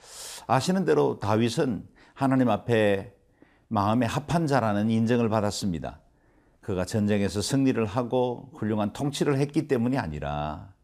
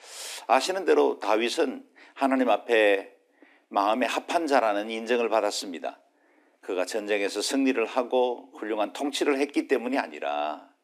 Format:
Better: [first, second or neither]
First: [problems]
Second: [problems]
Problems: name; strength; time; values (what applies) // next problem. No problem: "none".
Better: first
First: none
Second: thin; somewhat; fading below 250 Hz